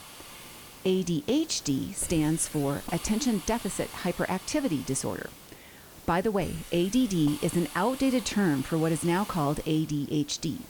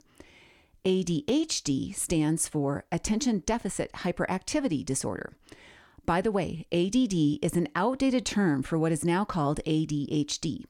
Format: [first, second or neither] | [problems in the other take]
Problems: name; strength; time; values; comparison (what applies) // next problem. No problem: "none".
second | hiss; noticeable; throughout; 15 dB below the speech